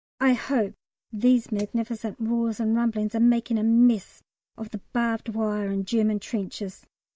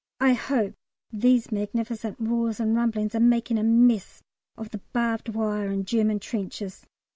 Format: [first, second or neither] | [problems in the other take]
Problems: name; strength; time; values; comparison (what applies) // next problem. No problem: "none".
second | noise reduction (neural mask model DeepFilterNet 3)